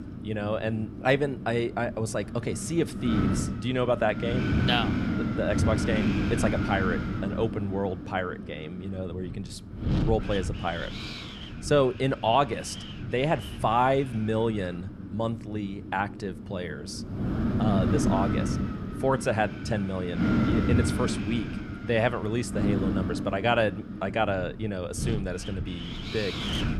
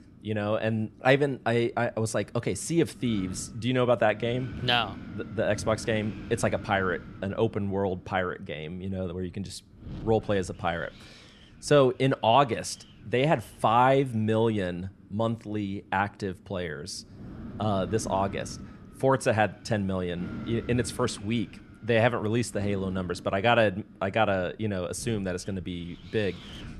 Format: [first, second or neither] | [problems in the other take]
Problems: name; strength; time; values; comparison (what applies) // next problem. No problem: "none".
second | wind noise on the microphone; heavy; 7 dB below the speech; occasional gusts in the second